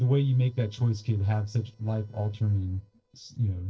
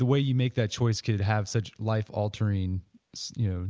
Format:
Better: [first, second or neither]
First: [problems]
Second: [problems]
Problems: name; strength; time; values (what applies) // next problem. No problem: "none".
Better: second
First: noise reduction (neural separator model SepFormer DNS4)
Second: none